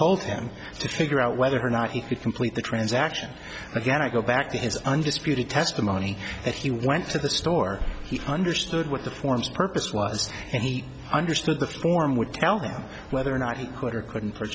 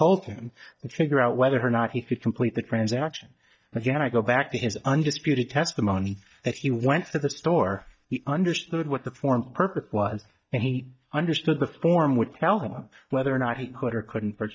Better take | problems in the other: first | noise reduction (neural mask model DeepFilterNet 3)

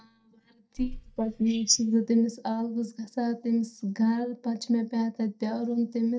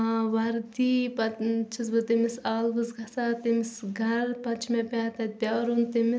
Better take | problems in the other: second | noise reduction (neural mask model DeepFilterNet 3)

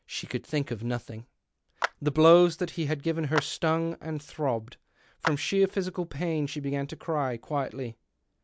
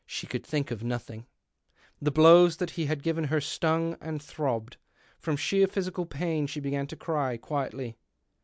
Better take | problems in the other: second | background sound (Clapping); 11 dB below the speech

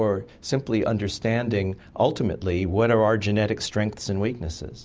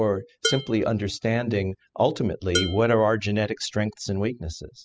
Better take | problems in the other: first | noise reduction (classical method spectral subtraction)

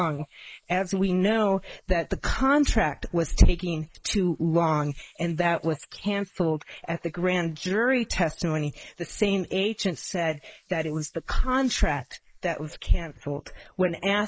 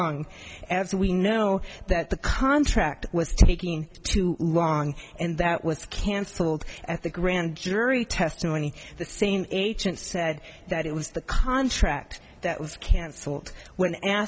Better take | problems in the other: second | noise reduction (neural mask model Resemble Enhance denoiser)

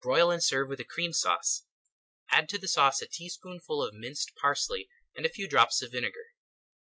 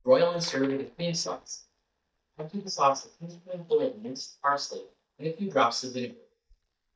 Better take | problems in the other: first | noise reduction (neural mask model DeepFilterNet 3)

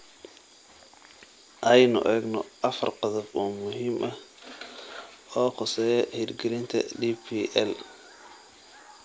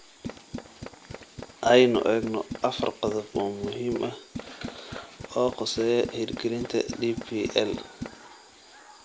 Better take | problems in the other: first | background sound (Tools); 12 dB below the speech

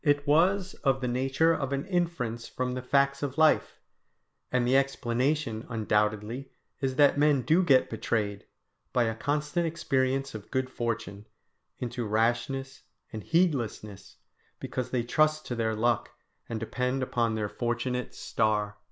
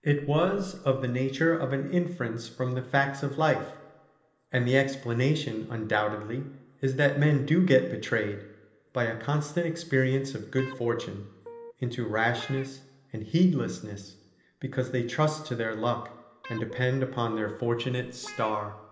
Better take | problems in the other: first | background sound (Guitar); 17 dB below the speech // room echo; dies away in 0.8 s

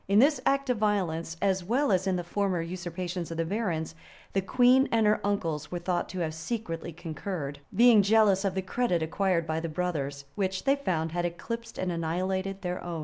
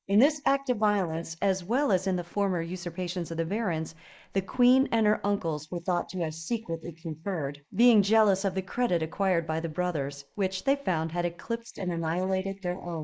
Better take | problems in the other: first | noise reduction (neural mask model Resemble Enhance denoiser)

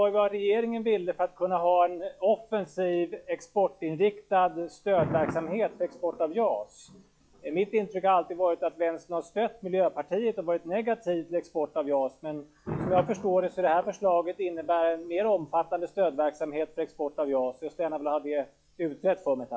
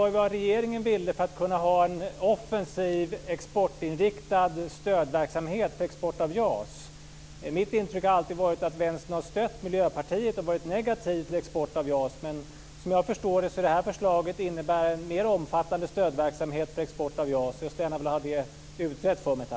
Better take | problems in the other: second | noise reduction (classical method log-MMSE)

